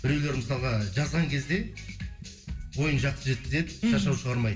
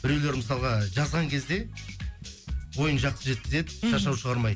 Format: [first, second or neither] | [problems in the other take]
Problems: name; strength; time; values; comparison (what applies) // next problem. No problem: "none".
second | room echo; dies away in 0.6 s